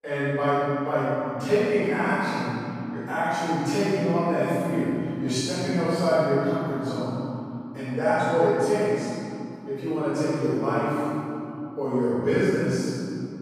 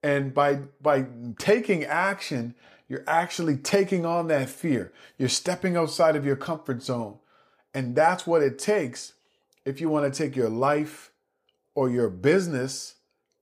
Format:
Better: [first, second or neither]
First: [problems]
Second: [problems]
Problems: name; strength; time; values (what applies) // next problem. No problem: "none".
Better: second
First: off-mic speech; far // room echo; strong; dies away in 2.9 s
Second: none